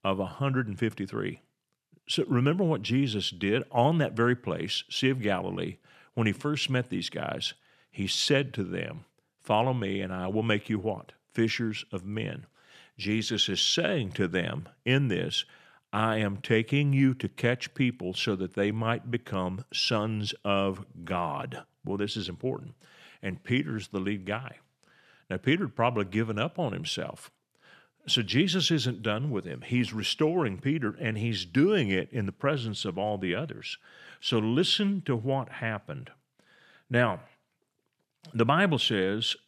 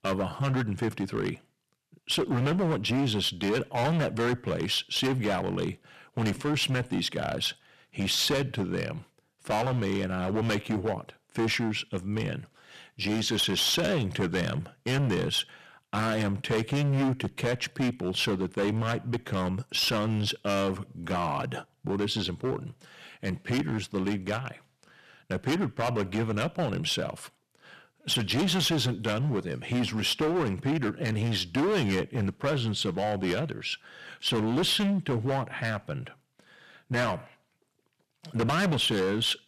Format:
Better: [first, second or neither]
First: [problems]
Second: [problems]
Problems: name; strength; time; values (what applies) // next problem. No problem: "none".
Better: first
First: none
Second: distortion; heavy; 15% of the sound clipped